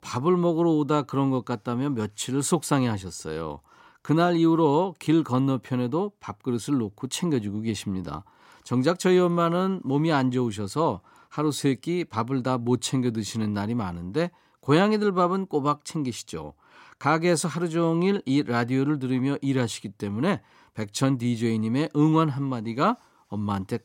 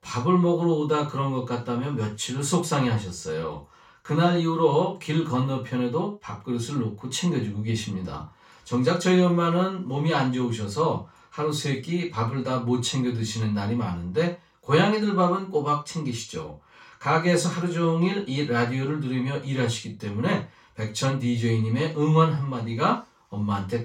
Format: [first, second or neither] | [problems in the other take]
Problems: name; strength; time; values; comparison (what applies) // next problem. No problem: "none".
first | room echo; slight; dies away in 0.3 s // off-mic speech; far